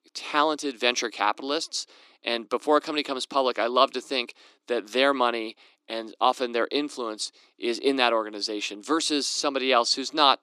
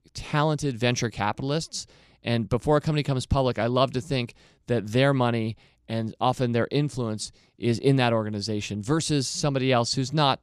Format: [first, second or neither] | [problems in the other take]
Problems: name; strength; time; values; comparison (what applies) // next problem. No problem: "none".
second | thin; somewhat; fading below 300 Hz